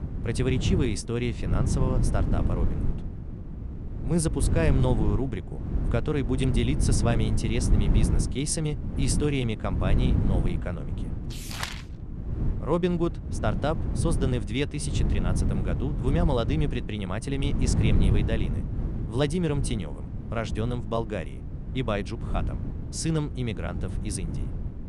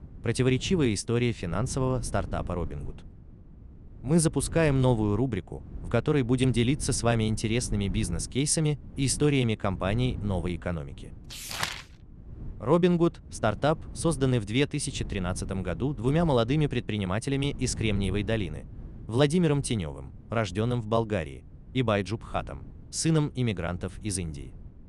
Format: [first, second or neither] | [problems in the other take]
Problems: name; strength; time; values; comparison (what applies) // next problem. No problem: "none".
second | wind noise on the microphone; heavy; 8 dB below the speech; occasional gusts in the second